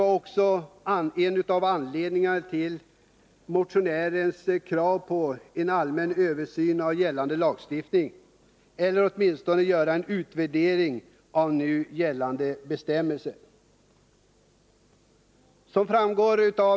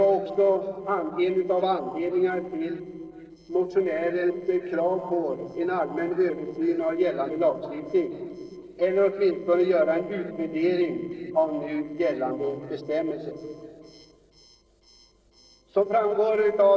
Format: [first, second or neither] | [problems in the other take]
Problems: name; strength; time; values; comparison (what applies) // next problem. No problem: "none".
first | noise reduction (neural separator model SepFormer DNS4)